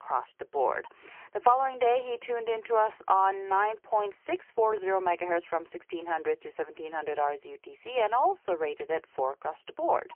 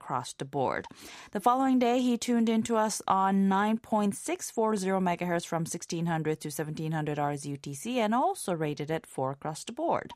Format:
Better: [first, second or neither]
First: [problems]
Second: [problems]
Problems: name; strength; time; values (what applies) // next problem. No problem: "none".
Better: second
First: phone-call audio; poor line; nothing above 3 kHz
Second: none